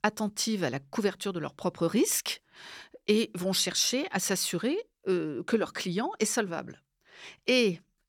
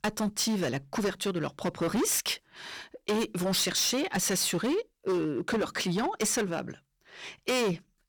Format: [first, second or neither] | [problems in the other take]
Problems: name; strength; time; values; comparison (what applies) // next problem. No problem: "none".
first | distortion; heavy; 15% of the sound clipped